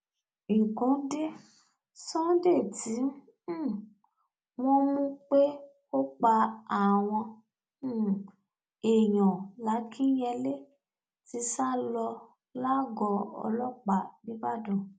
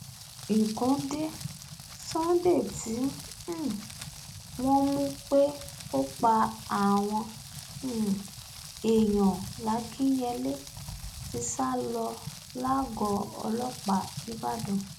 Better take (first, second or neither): first